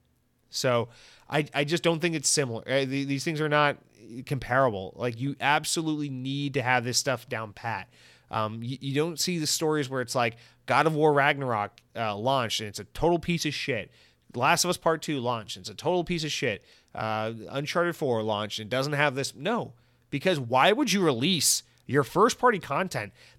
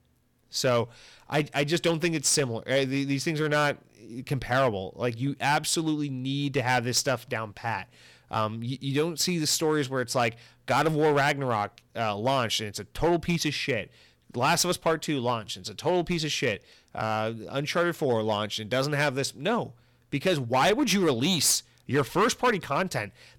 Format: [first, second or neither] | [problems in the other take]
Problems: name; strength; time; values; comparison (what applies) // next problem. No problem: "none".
first | distortion; slight; 4% of the sound clipped